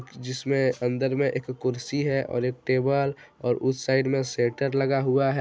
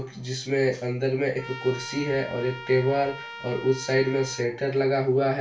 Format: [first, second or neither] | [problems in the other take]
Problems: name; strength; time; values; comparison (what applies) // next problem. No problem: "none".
first | background sound (Trumpet); 15 dB below the speech // room echo; dies away in 0.3 s